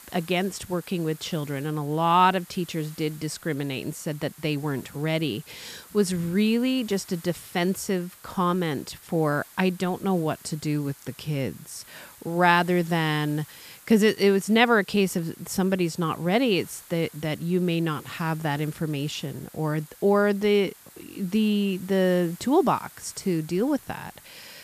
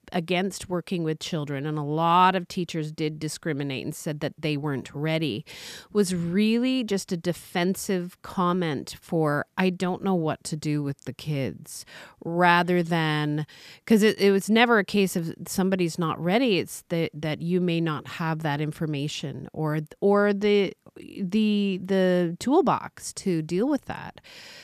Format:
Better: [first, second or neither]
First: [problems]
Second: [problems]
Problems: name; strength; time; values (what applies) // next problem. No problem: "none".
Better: second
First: hiss; faint; throughout; 20 dB below the speech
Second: none